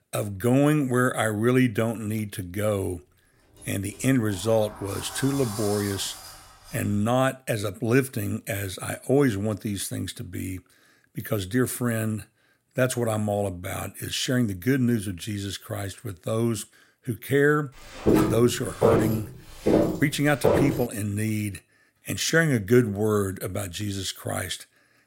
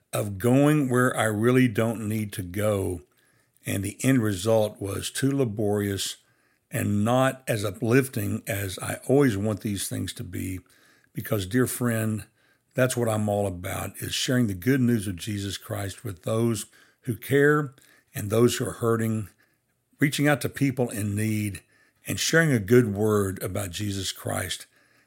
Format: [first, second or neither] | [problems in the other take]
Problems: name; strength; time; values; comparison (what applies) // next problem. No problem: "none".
second | door banging; noticeable; from 3.5 to 7 s; peak 8 dB below the speech // footsteps; loud; from 18 to 21 s; peak 4 dB above the speech